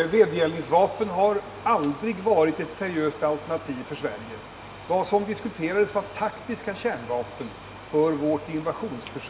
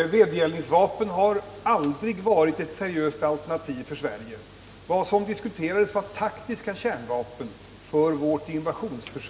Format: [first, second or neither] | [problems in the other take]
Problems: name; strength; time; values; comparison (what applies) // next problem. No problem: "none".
second | background sound (Cricket); 17 dB below the speech